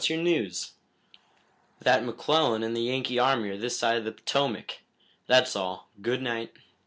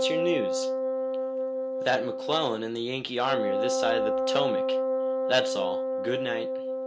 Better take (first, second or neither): first